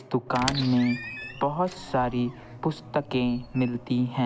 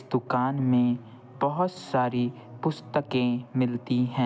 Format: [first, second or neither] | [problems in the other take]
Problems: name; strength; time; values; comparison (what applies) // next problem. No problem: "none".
second | background sound (Squeak); 12 dB below the speech